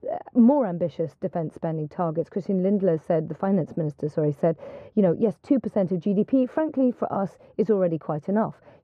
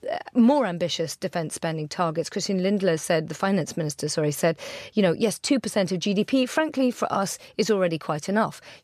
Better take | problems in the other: second | muffled; very; fading above 2 kHz

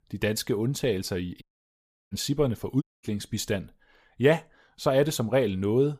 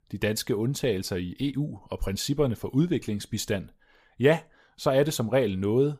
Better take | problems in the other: second | audio cutting out; at 1.5 s for 0.5 s and at 3 s

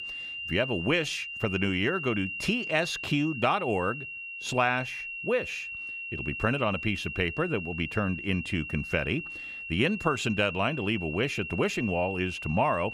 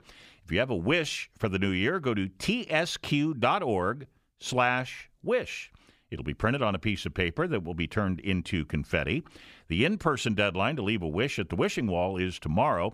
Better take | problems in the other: second | high-pitched whine; loud; throughout; 2.5 kHz, 7 dB below the speech

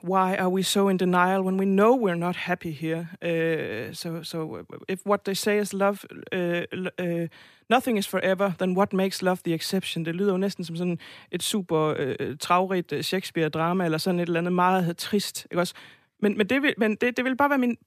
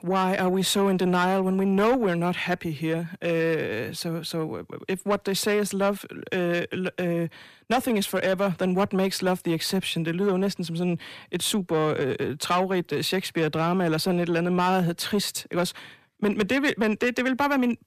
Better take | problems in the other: first | distortion; slight; 10 dB below the speech

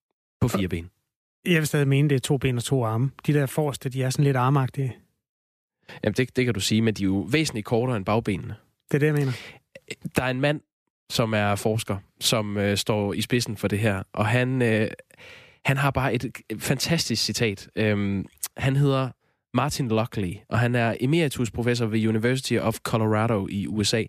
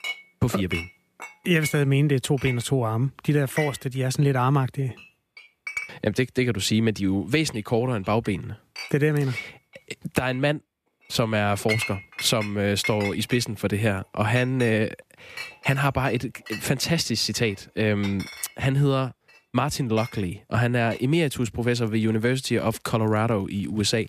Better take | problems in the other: first | household noises; noticeable; throughout; 10 dB below the speech

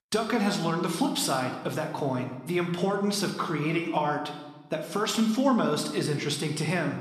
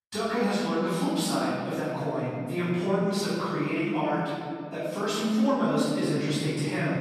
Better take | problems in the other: first | room echo; strong; dies away in 2.4 s; slight in the first // off-mic speech; far

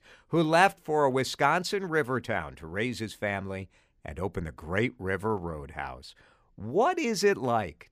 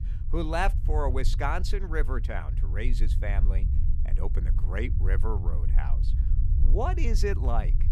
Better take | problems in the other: first | low rumble; noticeable; throughout; 15 dB below the speech

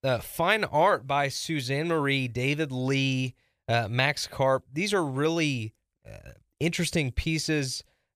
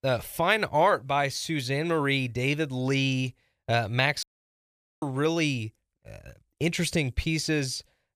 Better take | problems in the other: first | audio cutting out; at 4 s for 1 s

